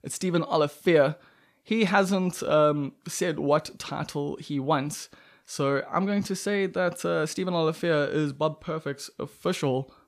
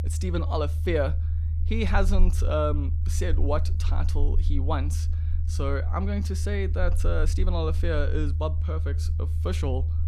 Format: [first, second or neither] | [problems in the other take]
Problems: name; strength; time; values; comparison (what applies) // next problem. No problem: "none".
first | low rumble; noticeable; throughout; 15 dB below the speech